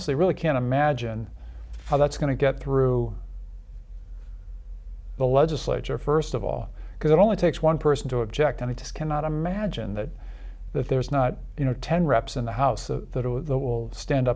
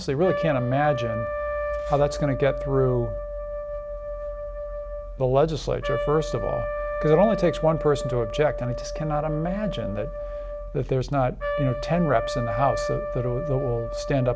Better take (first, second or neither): first